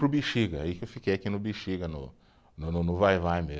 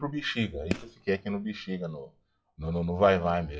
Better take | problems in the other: first | noise reduction (classical method WPE with log-MMSE)

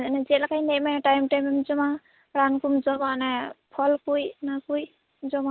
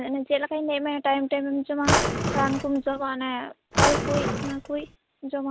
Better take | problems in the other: first | background sound (Drawer open or close); 2 dB above the speech

